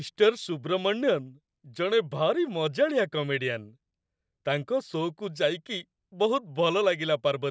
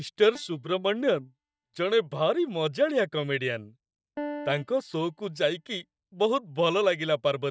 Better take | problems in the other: first | noise reduction (neural mask model DeepFilterNet 3)

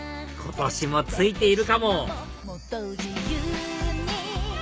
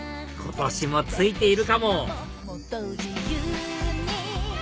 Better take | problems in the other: first | background sound (Guitar); 16 dB below the speech

